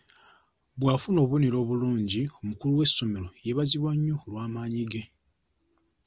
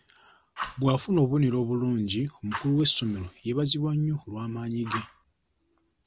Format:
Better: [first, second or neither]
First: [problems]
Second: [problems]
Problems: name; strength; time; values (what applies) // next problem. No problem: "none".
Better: first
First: none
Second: background sound (Fire); 16 dB below the speech